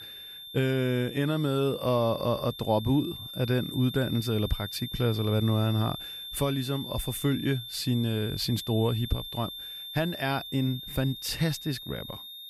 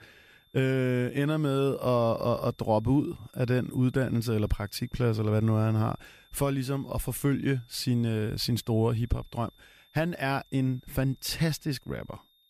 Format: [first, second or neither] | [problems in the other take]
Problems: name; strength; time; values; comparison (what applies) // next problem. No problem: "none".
second | high-pitched whine; loud; throughout; 3.5 kHz, 9 dB below the speech; faint in the second